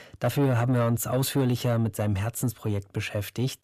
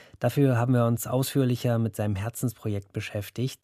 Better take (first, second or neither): second